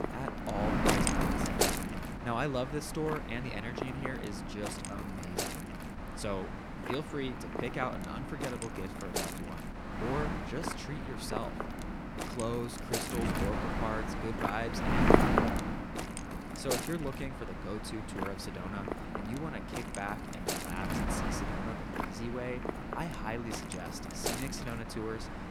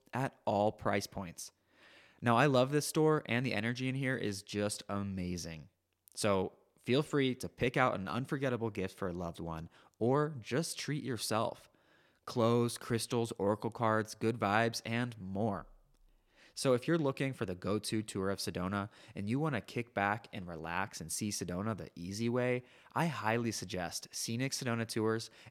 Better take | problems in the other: second | wind noise on the microphone; heavy; 3 dB above the speech

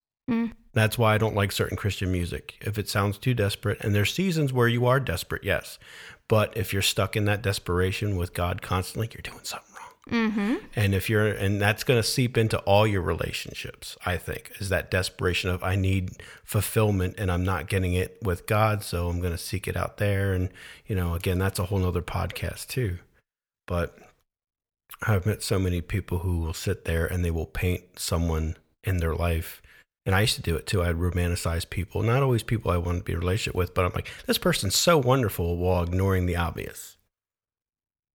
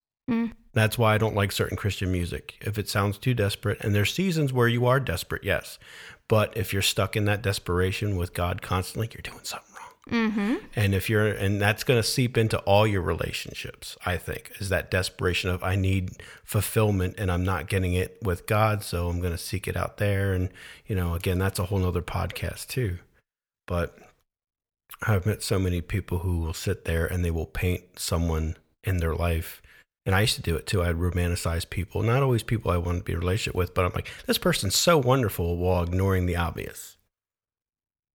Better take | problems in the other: neither | none

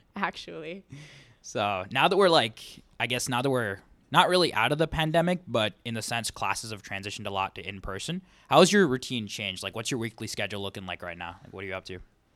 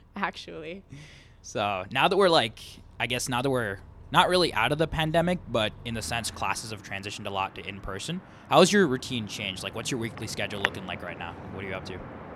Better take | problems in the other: first | traffic noise; noticeable; throughout; 15 dB below the speech

